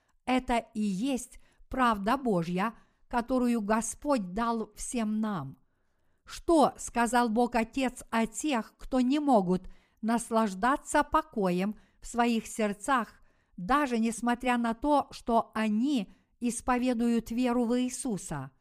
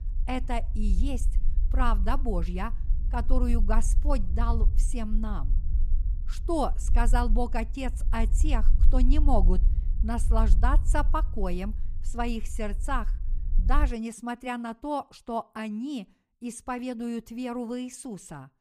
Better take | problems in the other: first | low rumble; noticeable; until 14 s; 20 dB below the speech

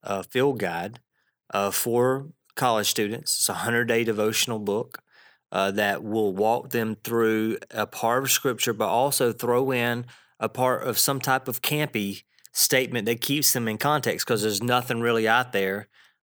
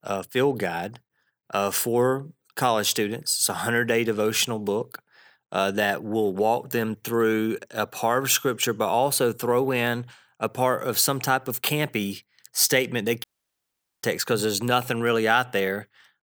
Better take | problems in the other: first | audio cutting out; at 13 s for 1 s

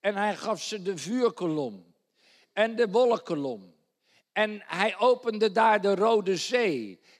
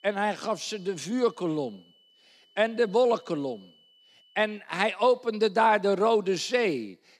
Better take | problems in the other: first | high-pitched whine; faint; until 4.5 s; 3 kHz, 30 dB below the speech

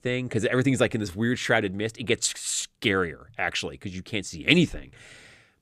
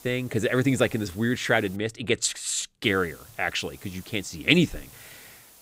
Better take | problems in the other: first | hiss; faint; until 2 s and from 3 s on; 25 dB below the speech

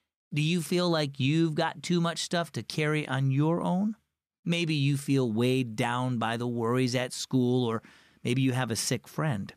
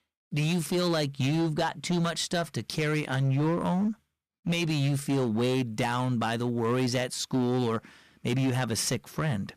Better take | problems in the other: first | distortion; slight; 14% of the sound clipped

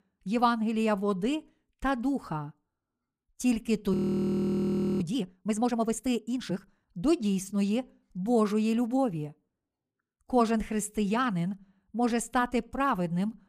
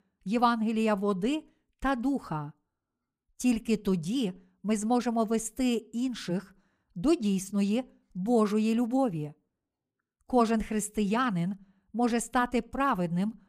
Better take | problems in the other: second | audio freezing; at 4 s for 1 s

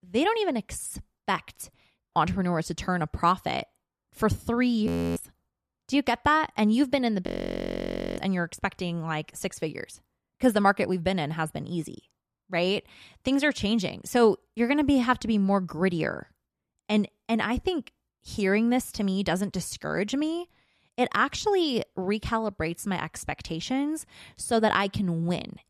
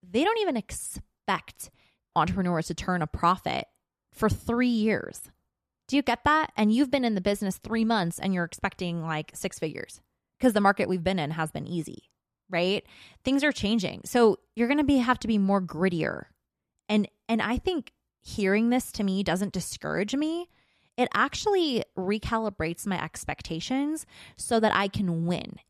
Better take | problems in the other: second | audio freezing; at 5 s and at 7.5 s for 1 s

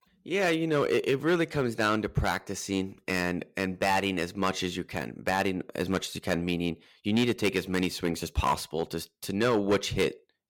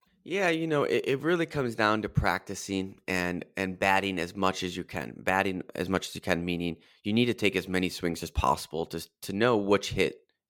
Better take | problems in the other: second | distortion; slight; 4% of the sound clipped

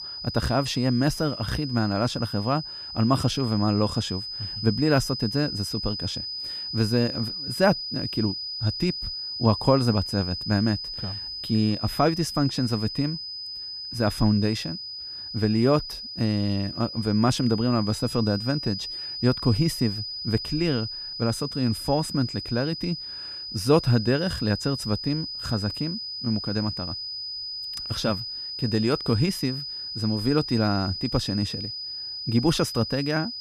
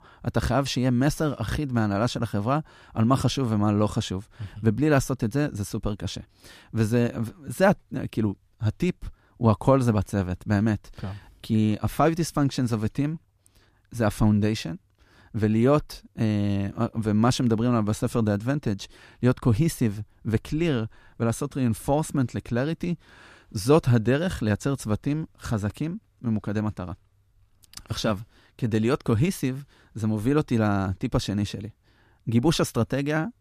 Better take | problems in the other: second | high-pitched whine; loud; throughout; 5 kHz, 6 dB below the speech

